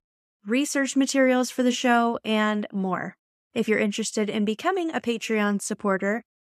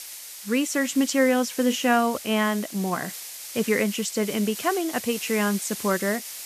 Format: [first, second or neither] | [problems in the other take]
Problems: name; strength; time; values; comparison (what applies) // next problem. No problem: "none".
first | hiss; noticeable; throughout; 10 dB below the speech